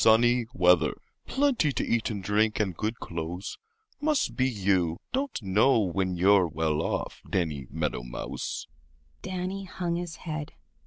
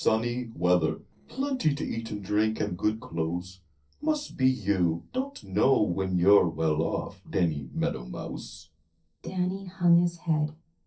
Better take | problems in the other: first | noise reduction (neural separator model SepFormer DNS4)

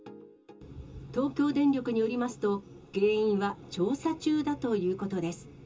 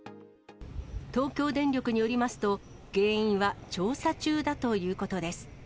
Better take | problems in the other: second | room echo; dies away in 0.2 s

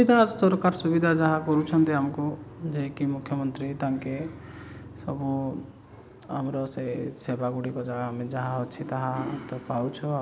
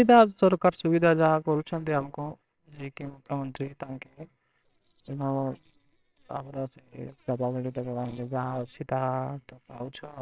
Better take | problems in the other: first | noise reduction (neural separator model SepFormer WHAMR!)

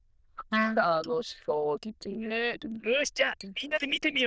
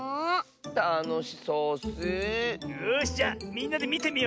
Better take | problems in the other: second | noise reduction (neural diffusion model UNIVERSE++)

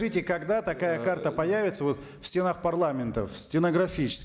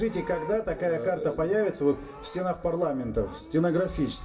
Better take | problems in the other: first | background sound (Livestock, farm animals, working animals); 18 dB below the speech // room echo; dies away in 0.2 s

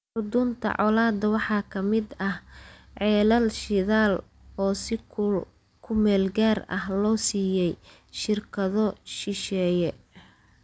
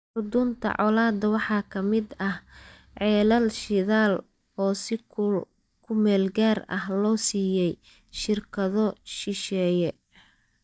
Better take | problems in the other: first | noise reduction (neural mask model DeepFilterNet 3)

